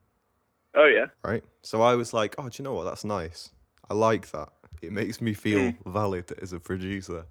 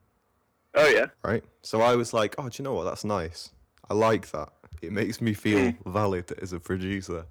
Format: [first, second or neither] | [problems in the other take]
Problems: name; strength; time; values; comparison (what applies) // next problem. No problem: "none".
first | distortion; slight; 2% of the sound clipped